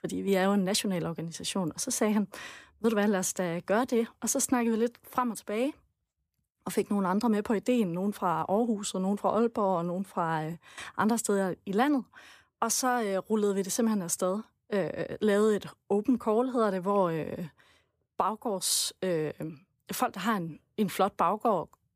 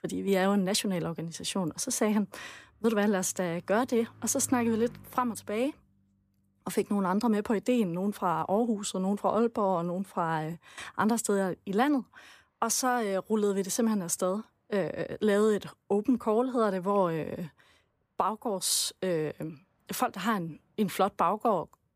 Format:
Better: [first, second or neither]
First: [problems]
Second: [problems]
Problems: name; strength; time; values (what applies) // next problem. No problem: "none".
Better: first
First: none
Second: traffic noise; faint; throughout; 25 dB below the speech